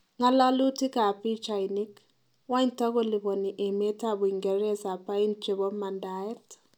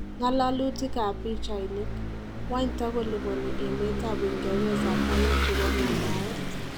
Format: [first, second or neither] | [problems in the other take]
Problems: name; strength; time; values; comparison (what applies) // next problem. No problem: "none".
first | background sound (Engine / Vehicle); 2 dB above the speech